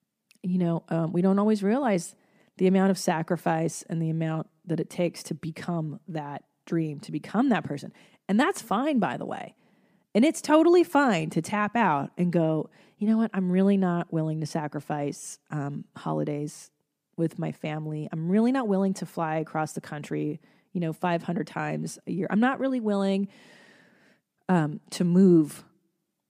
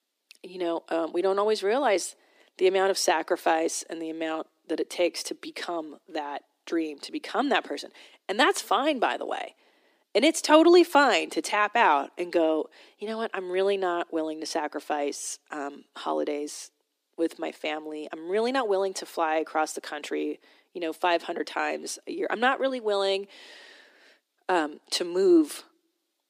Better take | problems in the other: first | thin; very; fading below 300 Hz

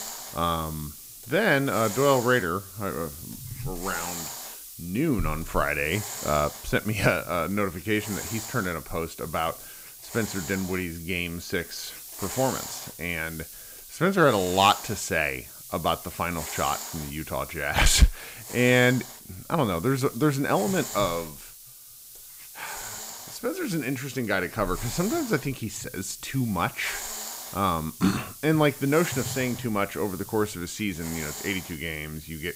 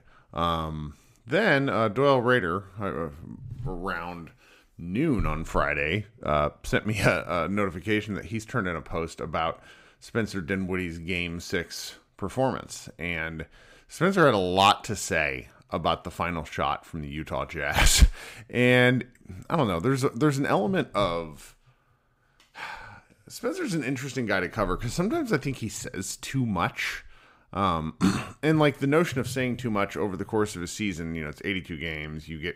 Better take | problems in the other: second | hiss; noticeable; throughout; 10 dB below the speech

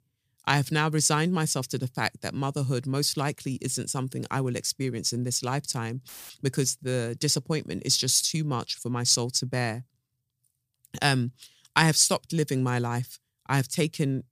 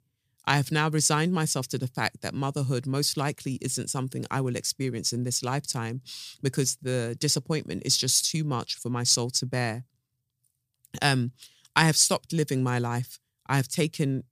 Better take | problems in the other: second | audio cutting out; filled with static; at 6 s

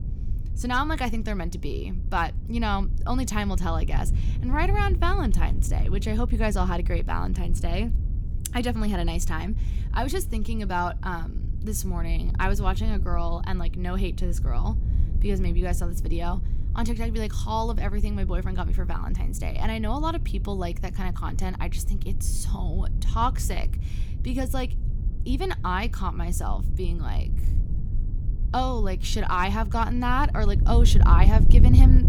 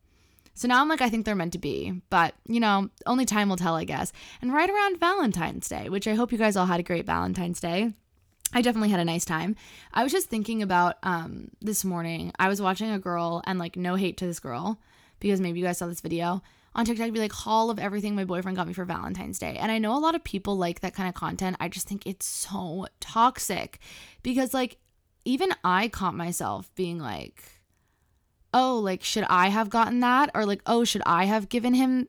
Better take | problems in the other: second | wind noise on the microphone; occasional gusts; 15 dB below the speech

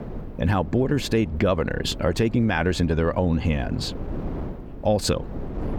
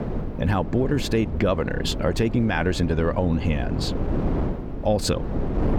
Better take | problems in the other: first | wind noise on the microphone; heavy; 9 dB below the speech; occasional gusts in the first

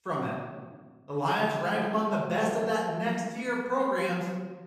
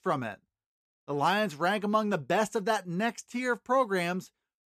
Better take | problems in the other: second | room echo; noticeable; dies away in 1.3 s // off-mic speech; far

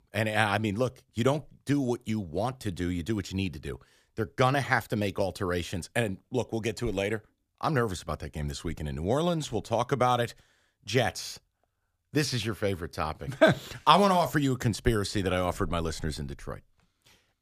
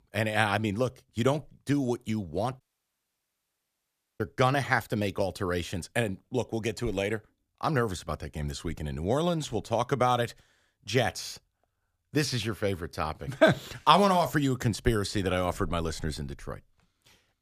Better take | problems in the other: first | audio cutting out; at 2.5 s for 1.5 s

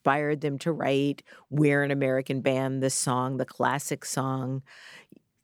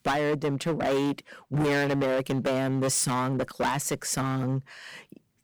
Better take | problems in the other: first | distortion; heavy; 16% of the sound clipped

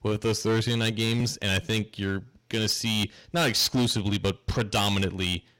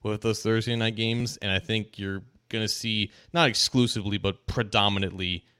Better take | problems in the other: second | distortion; heavy; 11% of the sound clipped

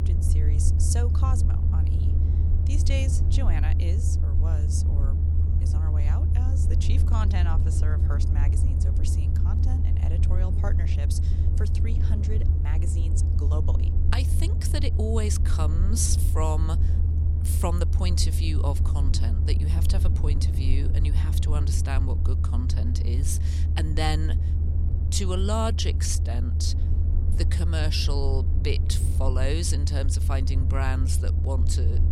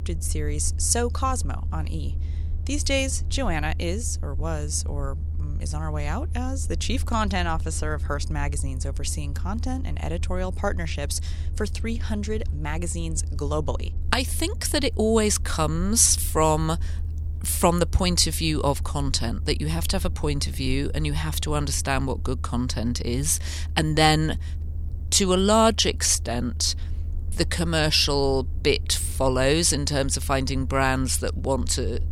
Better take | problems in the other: second | low rumble; loud; throughout; 5 dB below the speech; faint in the second

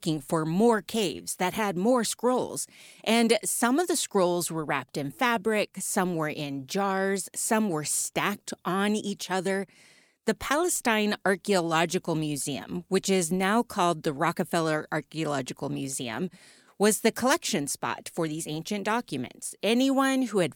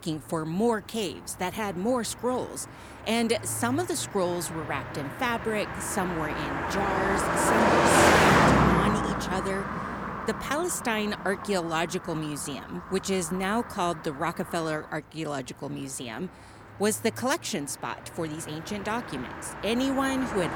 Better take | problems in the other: first | traffic noise; very loud; throughout; 3 dB above the speech

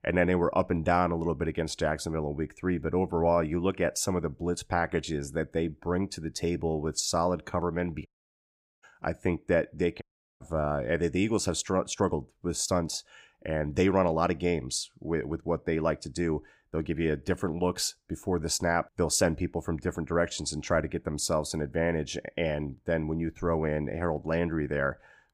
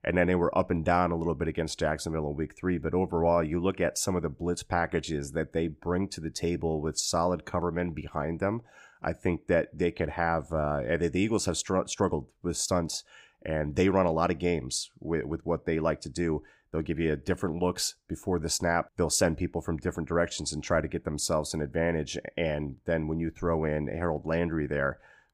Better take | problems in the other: second | audio cutting out; at 8 s for 1 s and at 10 s

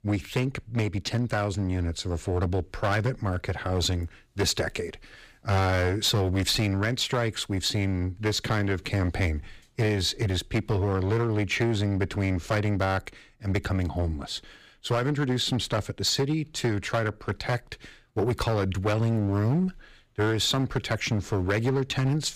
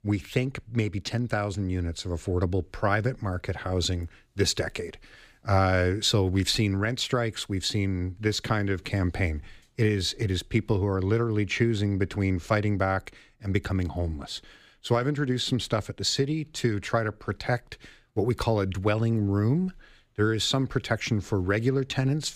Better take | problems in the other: second | distortion; slight; 8% of the sound clipped

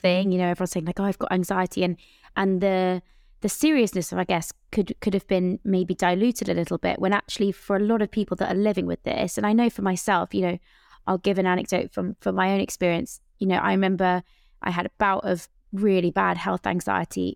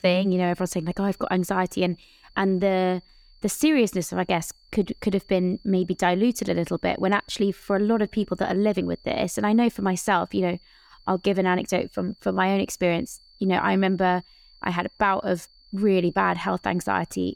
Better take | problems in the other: first | high-pitched whine; faint; throughout; 4.5 kHz, 30 dB below the speech

